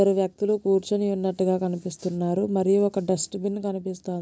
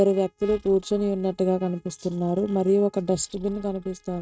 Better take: first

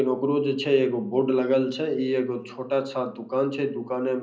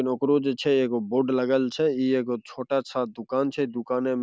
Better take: second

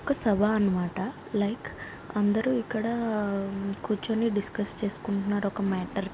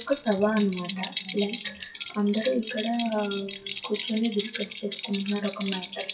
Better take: first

